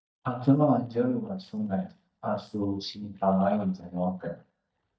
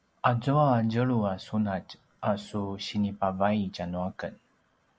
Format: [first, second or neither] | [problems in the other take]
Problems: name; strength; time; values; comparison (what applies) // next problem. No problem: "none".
second | noise reduction (neural mask model DeepFilterNet 3)